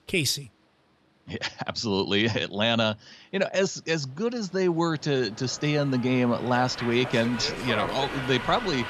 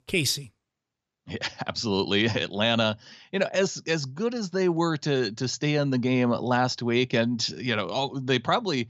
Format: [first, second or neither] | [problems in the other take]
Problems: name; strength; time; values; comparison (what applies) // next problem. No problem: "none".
second | train or aircraft noise; loud; throughout; 9 dB below the speech